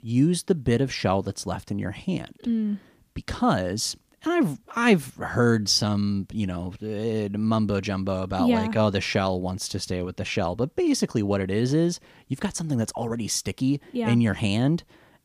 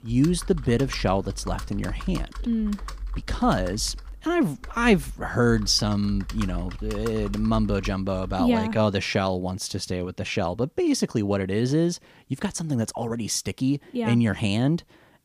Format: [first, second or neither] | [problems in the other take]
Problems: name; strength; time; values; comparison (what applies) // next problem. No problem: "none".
first | keyboard typing; noticeable; until 9 s; peak 10 dB below the speech